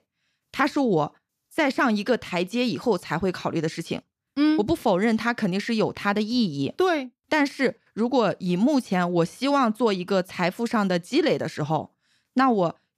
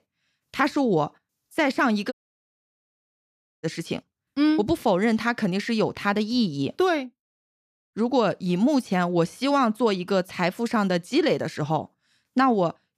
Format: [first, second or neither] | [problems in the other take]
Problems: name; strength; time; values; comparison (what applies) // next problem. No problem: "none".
first | audio cutting out; at 2 s for 1.5 s and at 7 s for 0.5 s